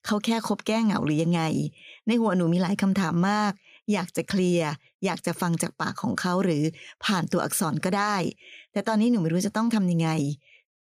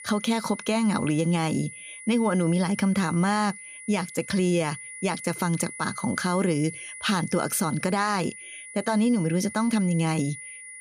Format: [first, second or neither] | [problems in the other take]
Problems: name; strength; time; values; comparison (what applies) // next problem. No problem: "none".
first | high-pitched whine; noticeable; throughout; 2 kHz, 15 dB below the speech